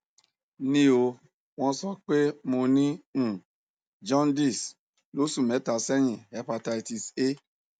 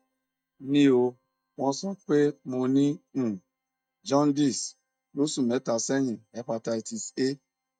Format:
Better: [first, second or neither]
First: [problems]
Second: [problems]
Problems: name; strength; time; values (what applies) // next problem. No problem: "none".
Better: first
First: none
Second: noise reduction (neural mask model DeepFilterNet 3)